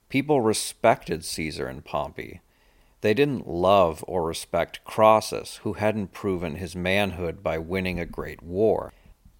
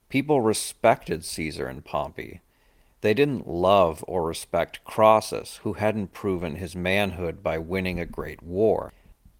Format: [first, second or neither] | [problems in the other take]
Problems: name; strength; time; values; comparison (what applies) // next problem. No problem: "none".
first | garbled, watery; slightly; nothing above 16.5 kHz